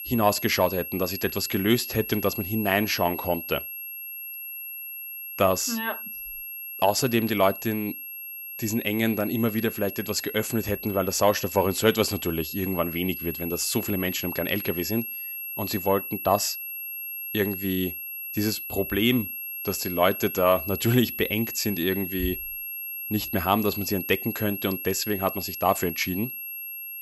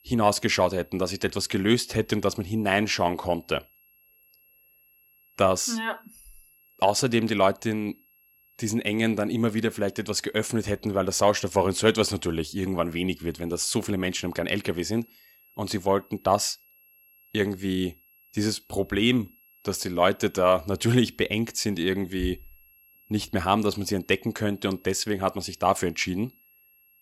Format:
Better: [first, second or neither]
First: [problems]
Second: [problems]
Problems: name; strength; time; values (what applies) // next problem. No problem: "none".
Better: second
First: high-pitched whine; loud; throughout; 11.5 kHz, 7 dB below the speech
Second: high-pitched whine; faint; throughout; 11.5 kHz, 30 dB below the speech